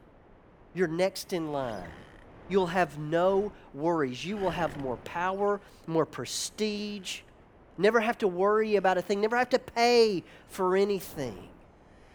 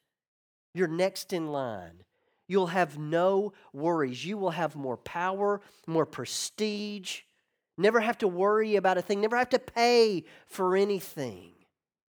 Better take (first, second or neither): second